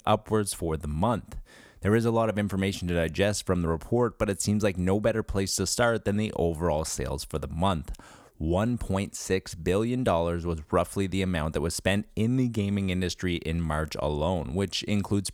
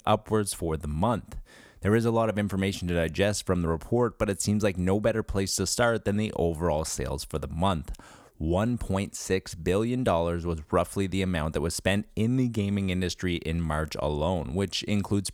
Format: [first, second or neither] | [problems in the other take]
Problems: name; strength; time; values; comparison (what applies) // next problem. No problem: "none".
neither | none